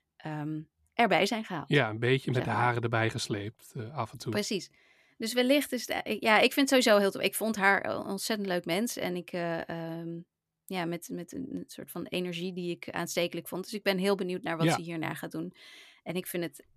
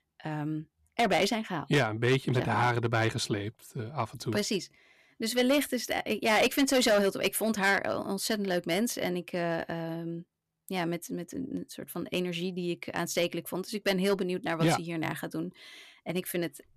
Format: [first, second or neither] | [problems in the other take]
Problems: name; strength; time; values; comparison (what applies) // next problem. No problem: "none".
first | distortion; slight; 3% of the sound clipped